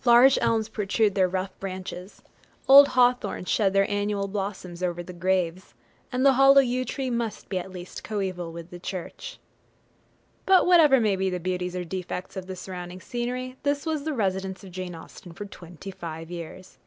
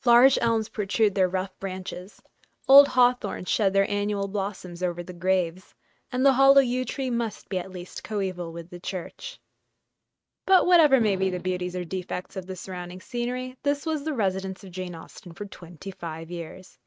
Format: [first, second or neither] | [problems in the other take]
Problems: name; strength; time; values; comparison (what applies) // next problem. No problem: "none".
first | noise reduction (neural mask model RNNoise)